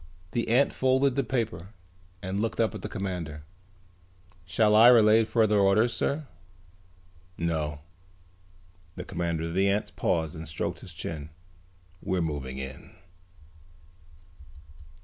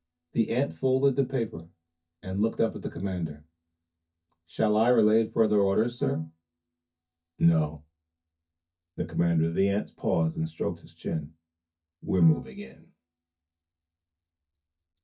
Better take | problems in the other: first | noise reduction (neural mask model DeepFilterNet 3)

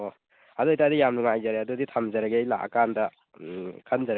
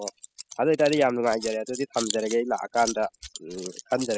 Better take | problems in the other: first | noise reduction (classical method spectral subtraction)

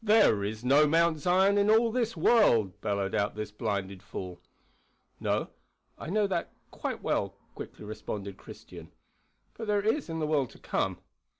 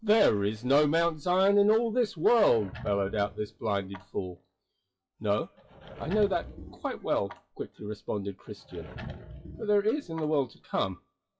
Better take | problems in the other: first | noise reduction (classical method WPE with log-MMSE)

